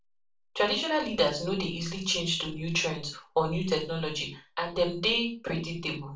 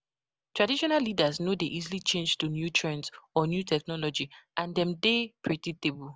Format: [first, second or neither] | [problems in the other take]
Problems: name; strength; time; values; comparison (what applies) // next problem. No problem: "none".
second | room echo; dies away in 0.3 s